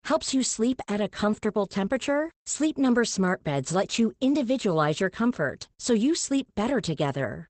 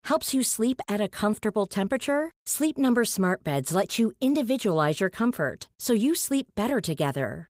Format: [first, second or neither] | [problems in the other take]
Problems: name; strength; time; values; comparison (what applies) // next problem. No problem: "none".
second | garbled, watery; badly; nothing above 8 kHz; slightly in the second